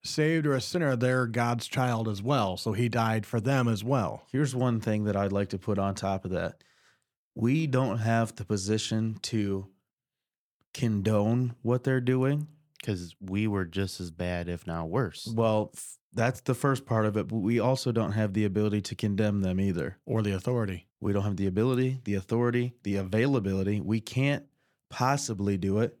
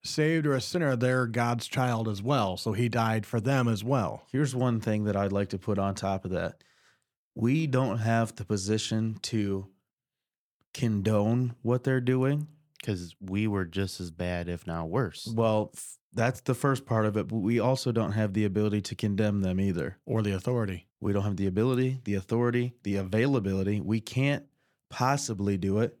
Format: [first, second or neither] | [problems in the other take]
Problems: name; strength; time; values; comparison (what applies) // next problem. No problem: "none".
neither | none